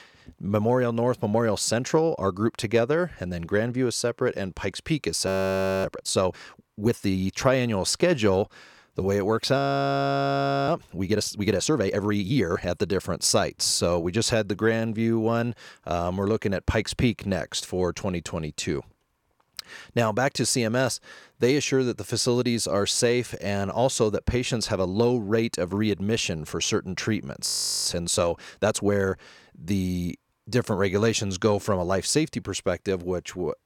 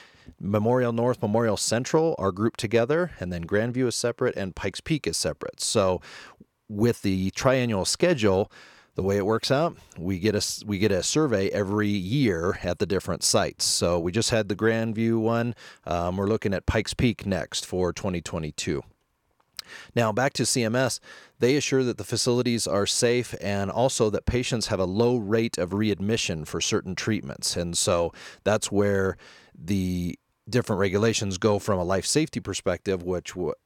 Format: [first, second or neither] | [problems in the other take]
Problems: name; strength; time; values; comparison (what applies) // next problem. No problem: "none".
second | audio freezing; at 5.5 s for 0.5 s, at 9.5 s for 1 s and at 27 s